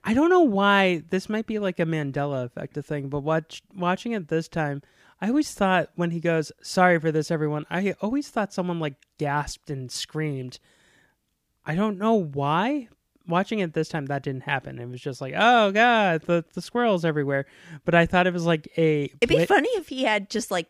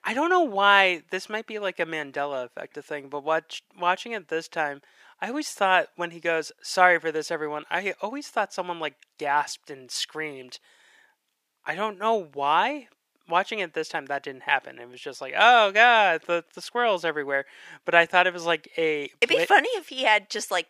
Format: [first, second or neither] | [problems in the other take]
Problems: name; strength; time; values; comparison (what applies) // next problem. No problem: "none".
first | thin; very; fading below 500 Hz